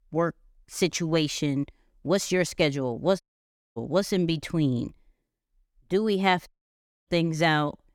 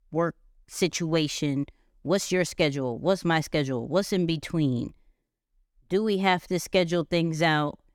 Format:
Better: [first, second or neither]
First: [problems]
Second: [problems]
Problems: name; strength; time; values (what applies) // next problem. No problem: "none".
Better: second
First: audio cutting out; at 3 s for 0.5 s and at 6.5 s for 0.5 s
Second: none